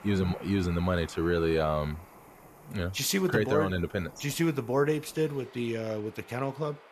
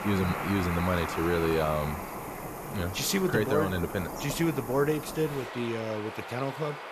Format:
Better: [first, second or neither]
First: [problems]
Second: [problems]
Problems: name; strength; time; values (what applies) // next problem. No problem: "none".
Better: first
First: animal sounds; faint; throughout; 20 dB below the speech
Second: animal sounds; loud; throughout; 7 dB below the speech